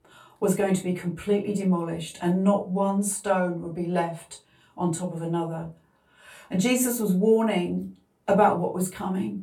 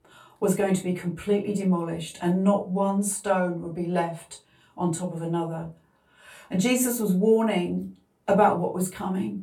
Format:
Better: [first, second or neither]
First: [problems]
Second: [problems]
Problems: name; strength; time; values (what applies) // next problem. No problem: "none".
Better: neither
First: off-mic speech; far // room echo; very slight; dies away in 0.2 s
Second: off-mic speech; far // room echo; very slight; dies away in 0.2 s